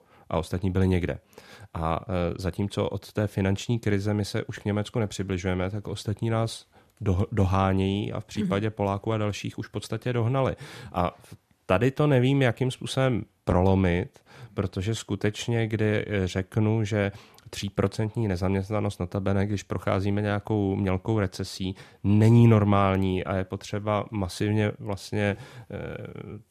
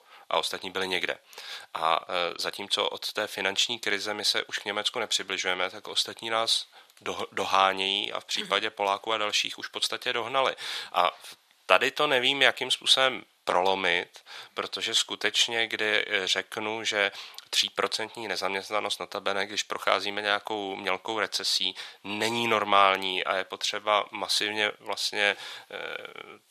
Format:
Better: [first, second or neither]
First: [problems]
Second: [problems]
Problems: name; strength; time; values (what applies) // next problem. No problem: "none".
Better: first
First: none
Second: thin; very; fading below 800 Hz